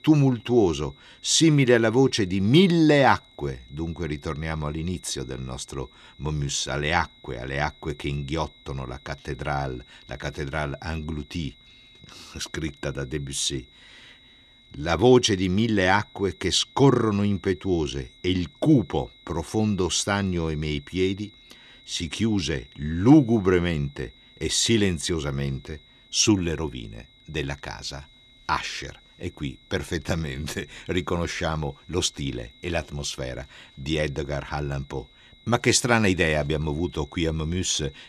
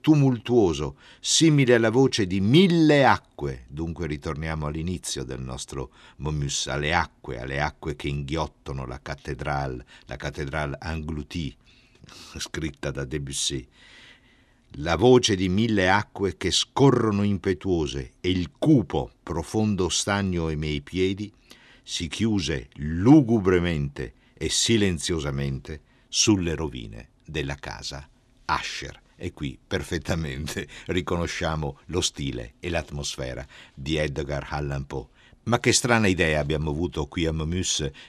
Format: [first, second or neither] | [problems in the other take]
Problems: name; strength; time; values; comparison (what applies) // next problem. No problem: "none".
second | high-pitched whine; faint; throughout; 4 kHz, 25 dB below the speech